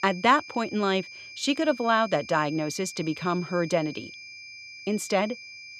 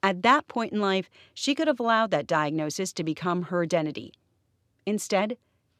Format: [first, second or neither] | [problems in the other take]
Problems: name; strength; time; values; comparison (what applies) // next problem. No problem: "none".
second | high-pitched whine; noticeable; throughout; 2.5 kHz, 15 dB below the speech